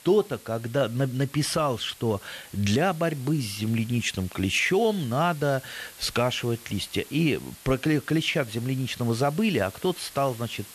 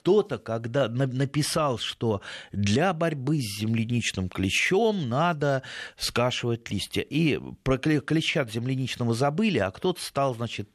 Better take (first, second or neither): second